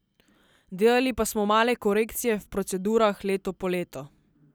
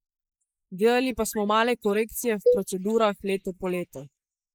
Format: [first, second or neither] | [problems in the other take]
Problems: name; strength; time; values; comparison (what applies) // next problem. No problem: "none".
first | noise reduction (neural mask model Resemble Enhance denoiser)